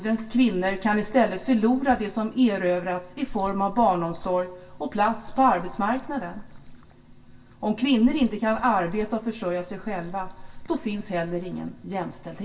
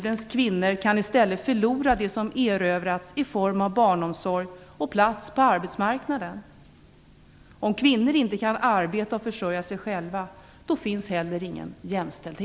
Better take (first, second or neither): second